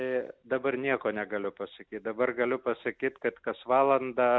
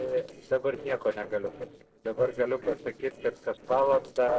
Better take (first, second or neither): first